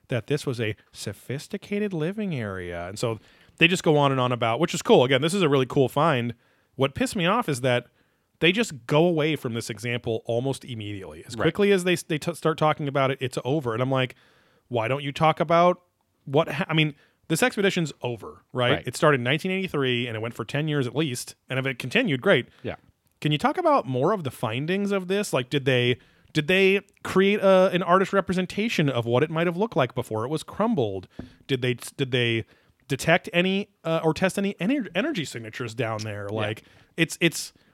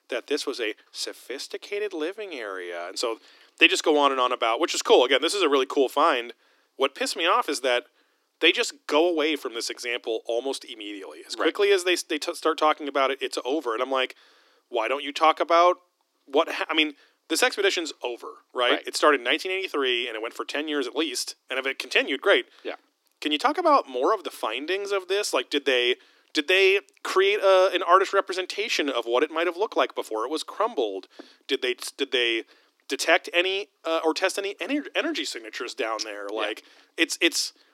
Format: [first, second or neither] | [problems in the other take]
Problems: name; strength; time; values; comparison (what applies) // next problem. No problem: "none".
first | thin; somewhat; fading below 300 Hz